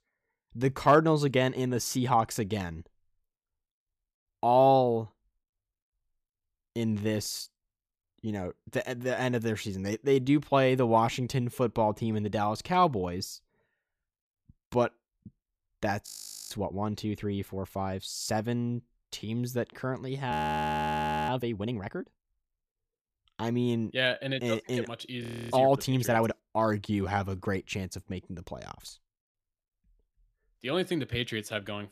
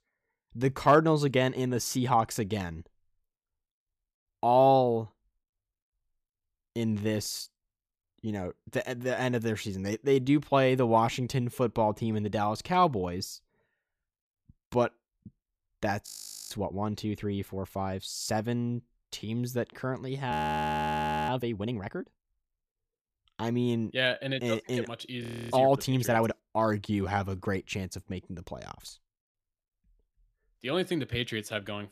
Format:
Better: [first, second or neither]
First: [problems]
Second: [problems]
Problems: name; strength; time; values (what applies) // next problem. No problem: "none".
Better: neither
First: audio freezing; at 16 s, at 20 s for 1 s and at 25 s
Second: audio freezing; at 16 s, at 20 s for 1 s and at 25 s